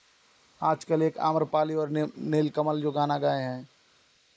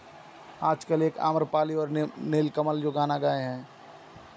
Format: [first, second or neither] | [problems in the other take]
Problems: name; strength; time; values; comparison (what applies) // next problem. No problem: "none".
second | noise reduction (neural mask model Resemble Enhance denoiser)